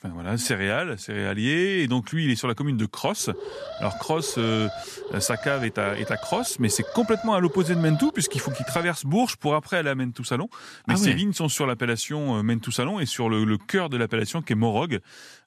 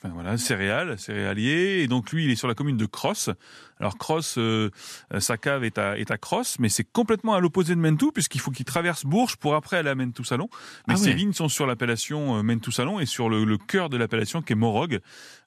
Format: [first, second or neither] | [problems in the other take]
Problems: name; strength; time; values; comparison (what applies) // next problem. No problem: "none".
second | alarm; noticeable; from 3 to 9 s; peak 10 dB below the speech